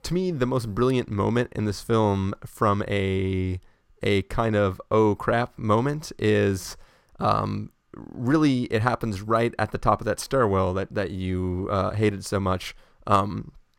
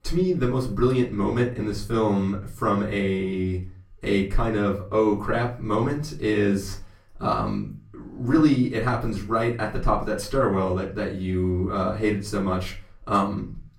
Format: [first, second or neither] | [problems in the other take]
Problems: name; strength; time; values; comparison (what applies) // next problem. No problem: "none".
first | room echo; slight; dies away in 0.3 s // off-mic speech; far